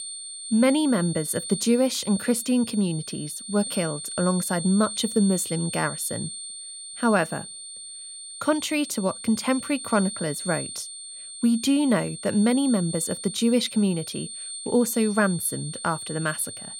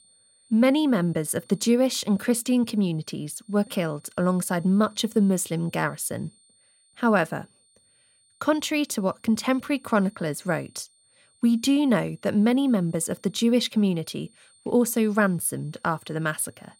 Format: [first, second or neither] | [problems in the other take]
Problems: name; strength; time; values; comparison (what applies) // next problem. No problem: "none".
second | high-pitched whine; loud; throughout; 8.5 kHz, 9 dB below the speech; faint in the second